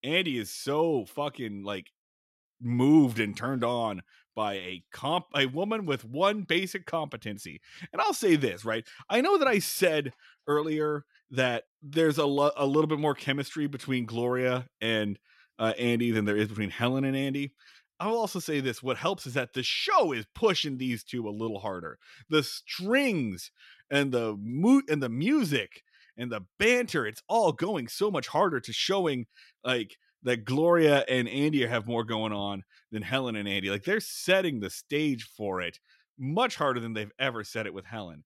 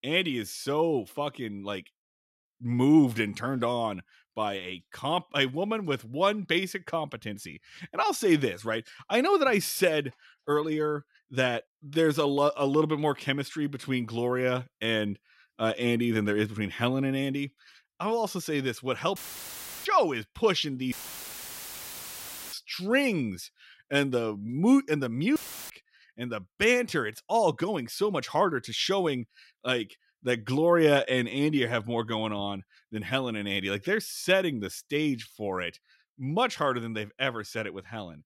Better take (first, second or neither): first